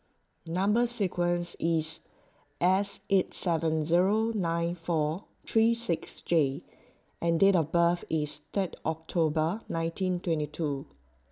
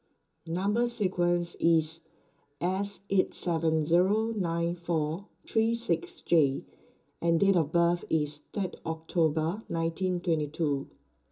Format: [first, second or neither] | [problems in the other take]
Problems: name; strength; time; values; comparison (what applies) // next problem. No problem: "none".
first | room echo; dies away in 0.2 s